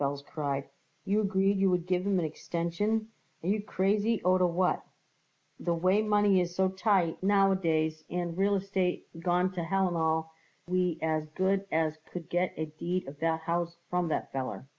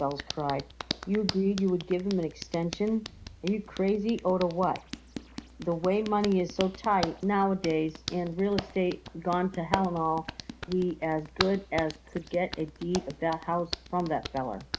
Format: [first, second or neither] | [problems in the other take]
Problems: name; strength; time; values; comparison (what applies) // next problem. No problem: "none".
first | background sound (Hands); 11 dB below the speech